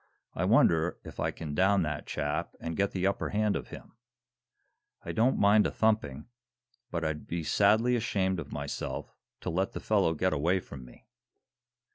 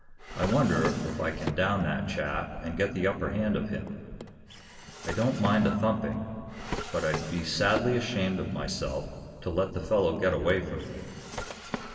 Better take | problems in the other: first | background sound (Drawer open or close); 11 dB below the speech // room echo; dies away in 2.7 s

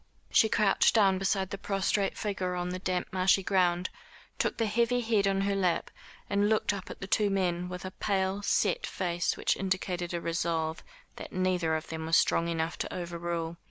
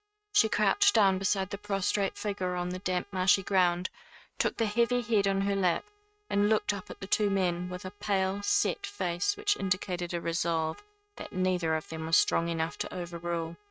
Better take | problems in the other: first | noise reduction (neural mask model RNNoise)

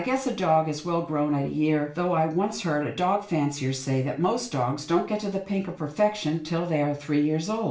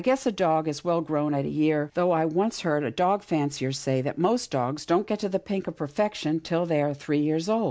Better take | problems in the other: second | room echo; dies away in 0.4 s

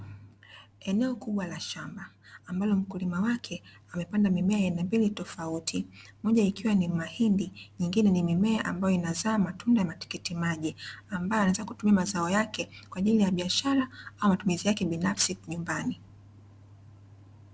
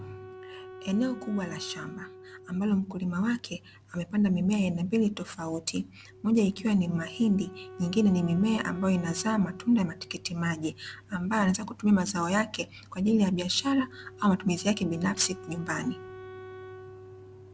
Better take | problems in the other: first | background sound (Wind instrument, woodwind instrument); 19 dB below the speech

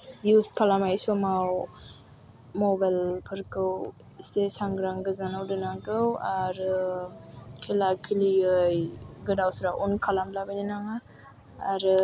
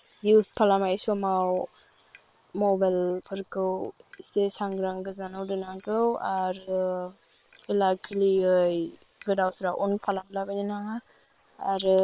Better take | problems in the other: first | noise reduction (neural separator model SepFormer WHAM!)

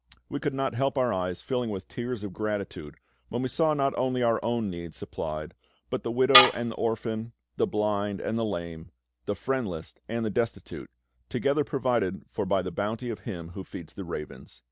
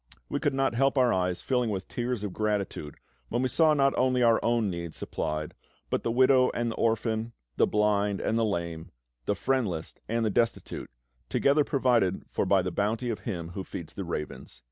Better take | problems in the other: second | background sound (Tools); as loud as the speech

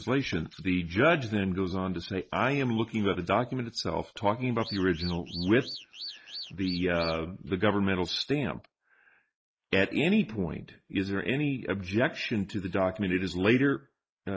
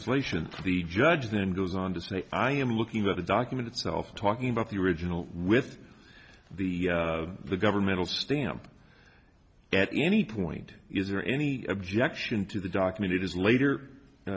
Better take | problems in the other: second | noise reduction (neural mask model Resemble Enhance denoiser)

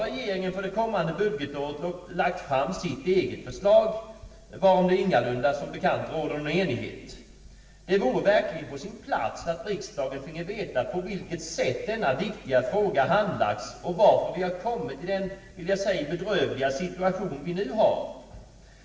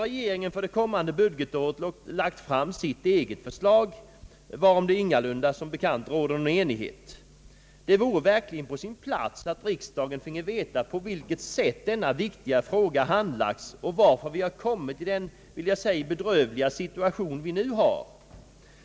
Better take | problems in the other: second | room echo; dies away in 1.2 s

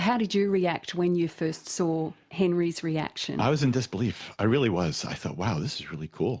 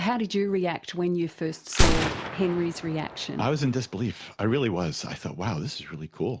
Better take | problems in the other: first | background sound (Gunshot, gunfire); 3 dB below the speech

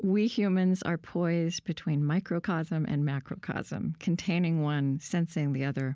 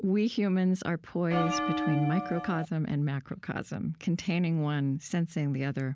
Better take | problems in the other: first | background sound (Bell); 3 dB below the speech

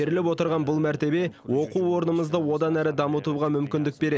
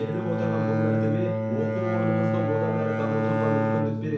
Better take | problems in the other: first | background sound (Bowed string instrument); 4 dB above the speech // room echo; dies away in 0.6 s

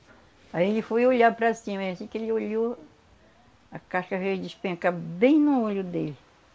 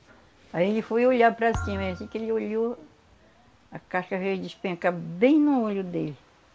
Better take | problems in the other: first | background sound (Thump, thud); 12 dB below the speech

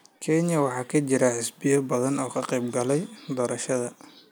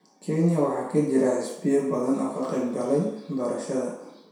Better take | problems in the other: first | room echo; dies away in 0.7 s

